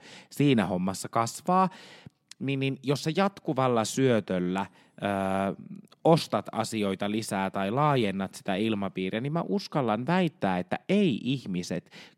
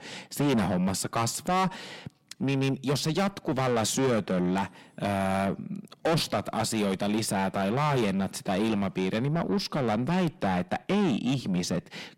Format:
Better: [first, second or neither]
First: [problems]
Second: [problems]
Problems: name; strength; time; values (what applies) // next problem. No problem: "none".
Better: first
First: none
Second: distortion; heavy; 6 dB below the speech